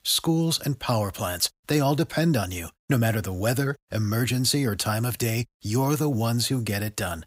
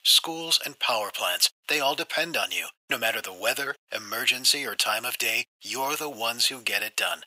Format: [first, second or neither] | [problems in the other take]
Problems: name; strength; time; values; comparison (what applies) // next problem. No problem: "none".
first | thin; very; fading below 700 Hz